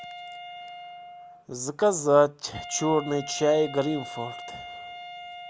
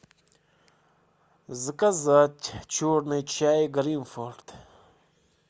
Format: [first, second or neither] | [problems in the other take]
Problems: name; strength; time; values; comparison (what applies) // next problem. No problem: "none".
second | background sound (Wind instrument, woodwind instrument); 13 dB below the speech